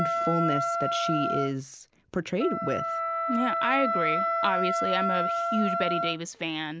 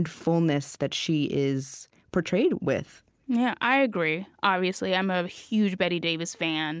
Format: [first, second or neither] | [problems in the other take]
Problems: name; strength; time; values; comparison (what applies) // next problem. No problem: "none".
second | background sound (Wind instrument, woodwind instrument); 1 dB above the speech